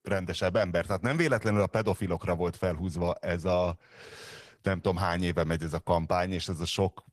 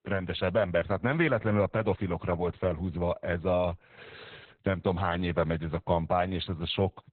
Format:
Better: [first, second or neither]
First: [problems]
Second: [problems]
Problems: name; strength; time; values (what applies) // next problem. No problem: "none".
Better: first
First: garbled, watery; slightly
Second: garbled, watery; badly; nothing above 4 kHz